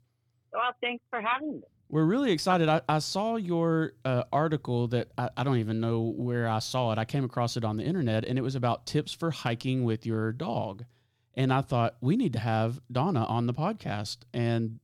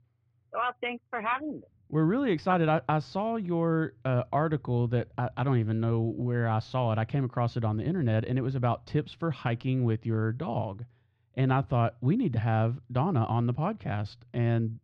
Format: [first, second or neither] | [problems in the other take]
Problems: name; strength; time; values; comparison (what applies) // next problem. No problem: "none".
first | muffled; slightly; fading above 2 kHz